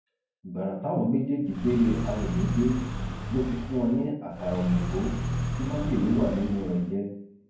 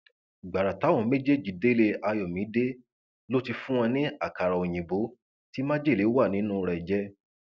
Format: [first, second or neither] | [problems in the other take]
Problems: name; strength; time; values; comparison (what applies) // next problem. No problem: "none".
second | background sound (Car); 4 dB below the speech // room echo; dies away in 0.9 s